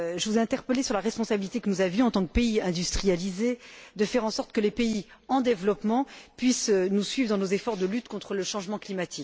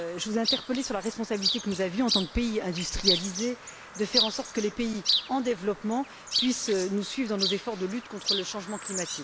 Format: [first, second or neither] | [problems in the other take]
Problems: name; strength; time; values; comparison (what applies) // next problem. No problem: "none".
first | background sound (Chirp, tweet); 3 dB below the speech